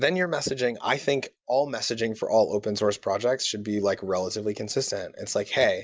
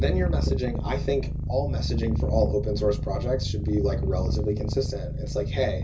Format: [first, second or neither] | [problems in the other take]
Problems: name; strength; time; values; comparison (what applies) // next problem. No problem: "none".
first | background sound (Purr); 1 dB above the speech // room echo; dies away in 0.4 s